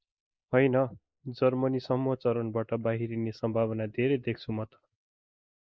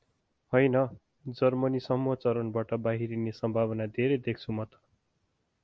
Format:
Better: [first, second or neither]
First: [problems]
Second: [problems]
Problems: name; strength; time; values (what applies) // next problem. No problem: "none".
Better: second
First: noise reduction (neural mask model Resemble Enhance denoiser)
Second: none